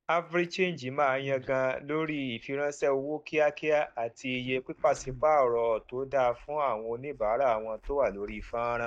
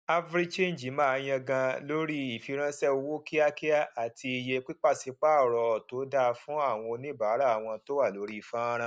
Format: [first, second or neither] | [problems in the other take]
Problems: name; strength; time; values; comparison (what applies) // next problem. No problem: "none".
second | noise reduction (neural mask model DeepFilterNet 3)